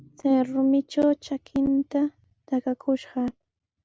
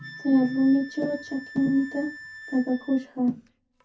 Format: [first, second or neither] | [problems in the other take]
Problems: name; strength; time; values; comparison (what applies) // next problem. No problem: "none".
first | background sound (Wind instrument, woodwind instrument); 18 dB below the speech // room echo; dies away in 0.3 s